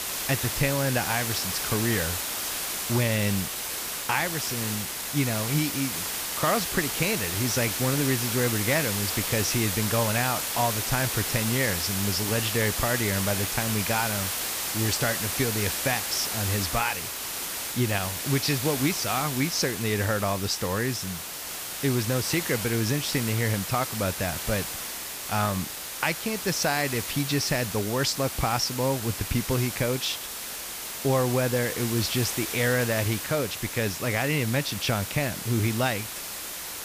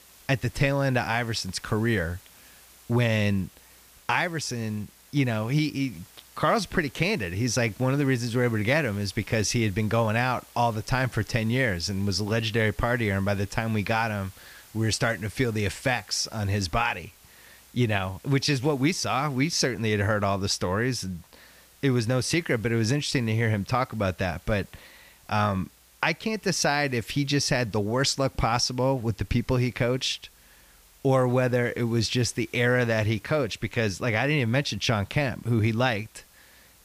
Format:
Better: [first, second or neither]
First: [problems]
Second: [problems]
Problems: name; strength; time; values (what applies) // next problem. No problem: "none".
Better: second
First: hiss; loud; throughout; 2 dB below the speech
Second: hiss; faint; throughout; 25 dB below the speech